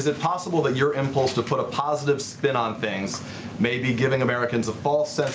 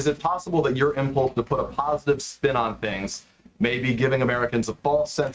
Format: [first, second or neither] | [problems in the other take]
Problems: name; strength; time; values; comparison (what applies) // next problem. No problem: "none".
first | noise reduction (neural mask model RNNoise)